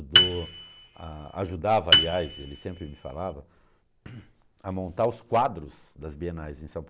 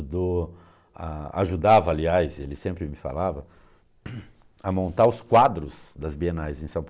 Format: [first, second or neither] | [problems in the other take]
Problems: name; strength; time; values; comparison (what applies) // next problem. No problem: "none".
second | background sound (Piano); 5 dB above the speech